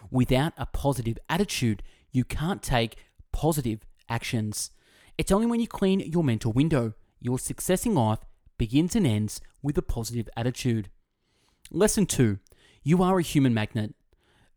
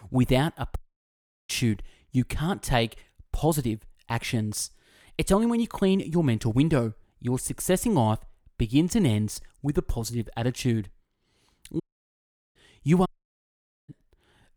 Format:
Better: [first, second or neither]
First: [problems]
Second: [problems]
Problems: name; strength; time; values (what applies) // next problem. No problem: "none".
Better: first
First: none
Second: audio cutting out; at 1 s for 0.5 s, at 12 s for 1 s and at 13 s for 1 s